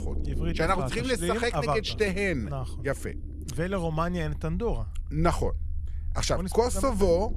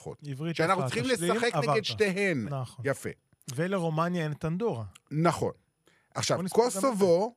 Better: second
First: low rumble; faint; throughout; 20 dB below the speech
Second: none

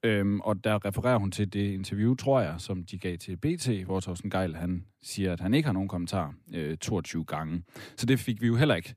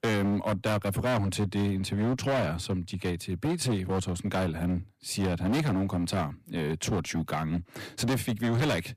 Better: first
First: none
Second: distortion; heavy; 19% of the sound clipped

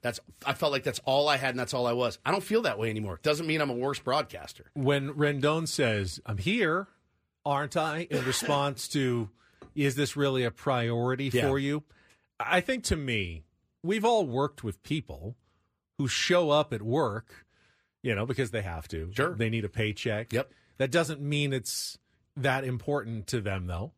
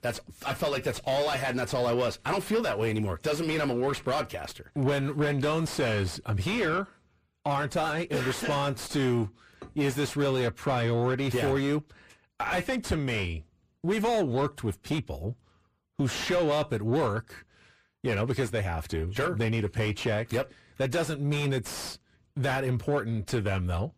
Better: first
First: none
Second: distortion; heavy; 6 dB below the speech

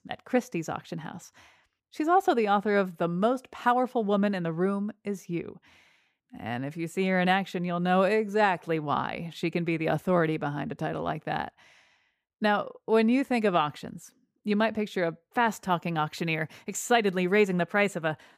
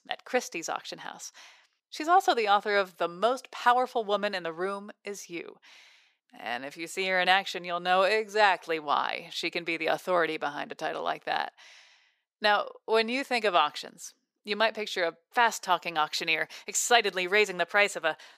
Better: first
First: none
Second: thin; somewhat; fading below 500 Hz

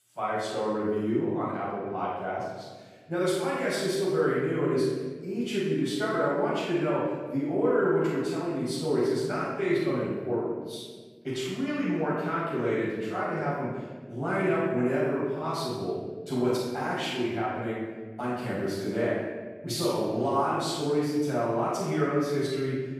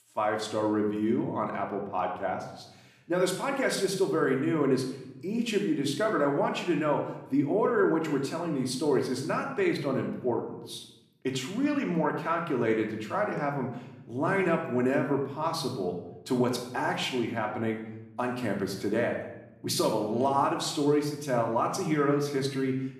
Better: second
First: room echo; strong; dies away in 1.3 s // off-mic speech; far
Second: room echo; slight; dies away in 0.7 s // off-mic speech; somewhat distant

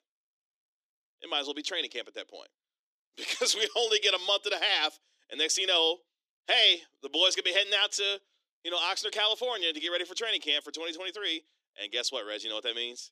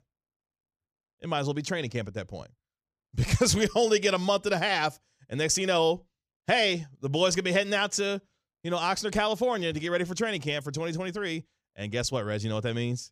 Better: second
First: thin; very; fading below 300 Hz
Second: none

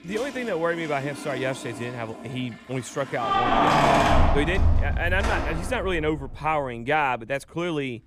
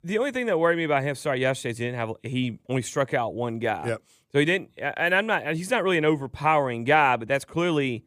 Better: second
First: household noises; very loud; throughout; 4 dB above the speech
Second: none

